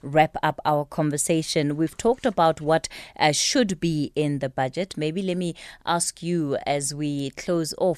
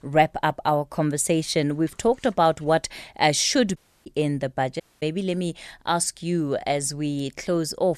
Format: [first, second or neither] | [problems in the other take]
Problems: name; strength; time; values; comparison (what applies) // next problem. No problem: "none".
first | audio cutting out; at 4 s and at 5 s